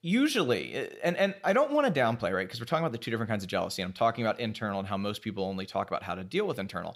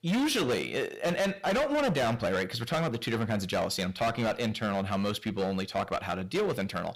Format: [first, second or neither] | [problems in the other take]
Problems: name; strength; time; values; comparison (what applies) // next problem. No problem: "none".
first | distortion; heavy; 18% of the sound clipped